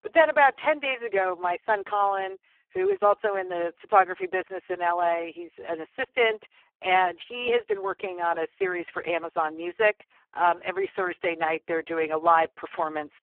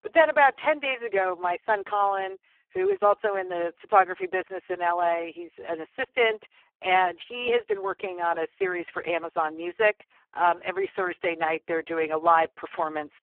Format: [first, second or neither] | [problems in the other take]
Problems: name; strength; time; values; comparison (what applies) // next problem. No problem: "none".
neither | phone-call audio; poor line; the same in both